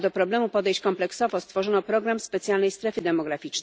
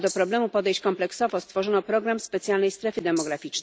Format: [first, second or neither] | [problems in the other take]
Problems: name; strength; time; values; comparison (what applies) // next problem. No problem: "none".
first | background sound (Rattle (instrument)); 13 dB below the speech